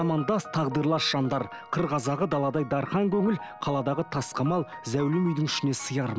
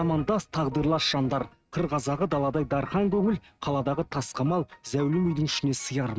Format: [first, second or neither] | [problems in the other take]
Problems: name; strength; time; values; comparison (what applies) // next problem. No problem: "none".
first | noise reduction (neural mask model RNNoise)